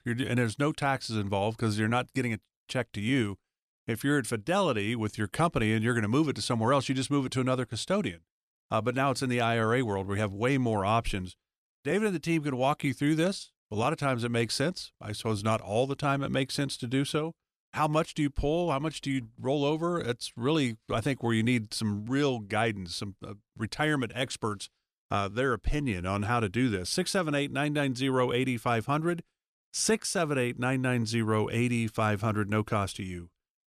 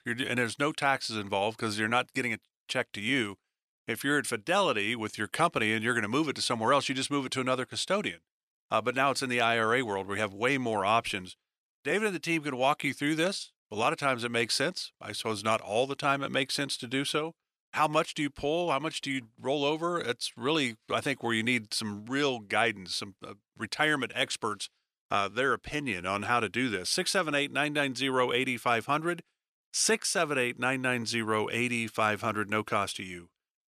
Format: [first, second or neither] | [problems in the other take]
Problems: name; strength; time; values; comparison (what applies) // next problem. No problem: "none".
first | thin; very slightly; fading below 850 Hz